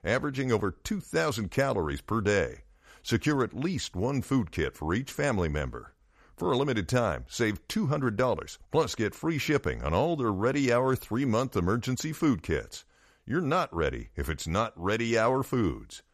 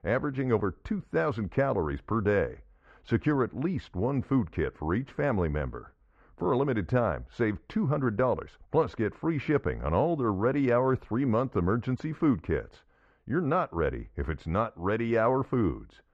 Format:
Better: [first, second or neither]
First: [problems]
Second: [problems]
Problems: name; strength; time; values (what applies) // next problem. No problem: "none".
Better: first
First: none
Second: muffled; very; fading above 1.5 kHz